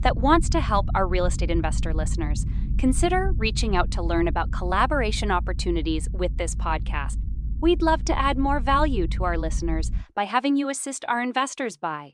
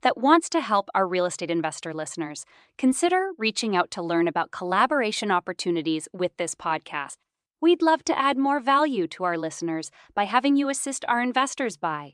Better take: second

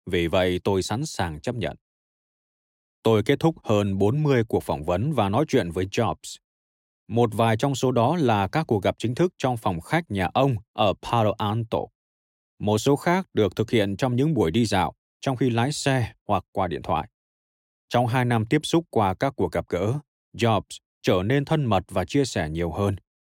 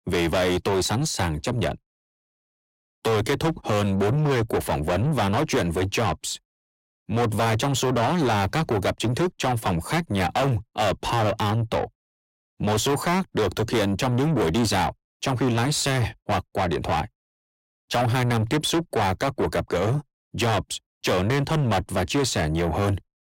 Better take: first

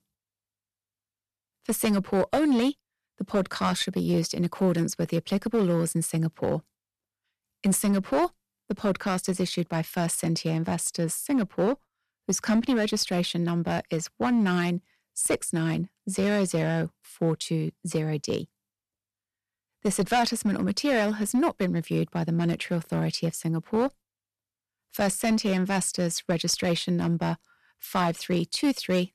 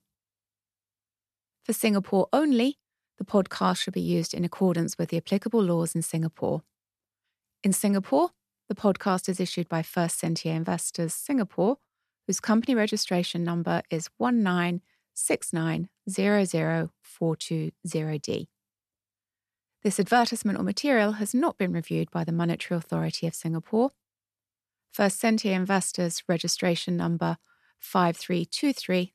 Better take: second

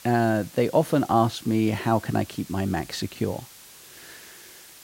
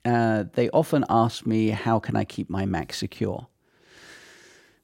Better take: second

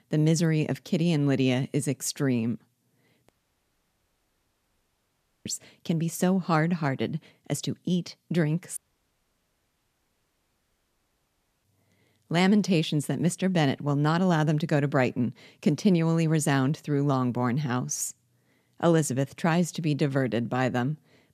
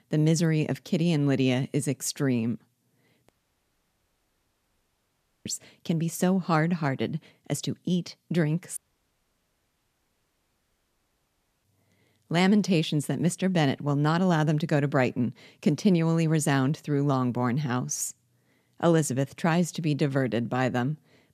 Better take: neither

